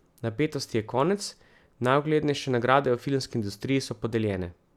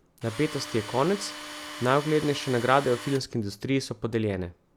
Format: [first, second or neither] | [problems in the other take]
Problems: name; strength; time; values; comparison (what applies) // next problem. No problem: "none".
first | background sound (Tools); 12 dB below the speech